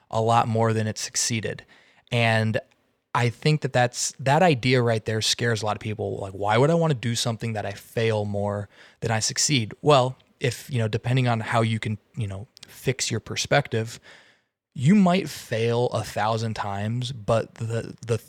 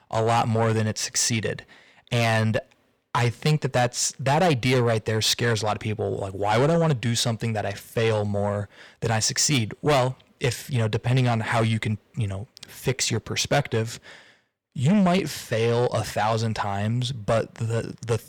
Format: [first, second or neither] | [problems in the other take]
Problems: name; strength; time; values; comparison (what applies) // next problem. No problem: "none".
first | distortion; slight; 10 dB below the speech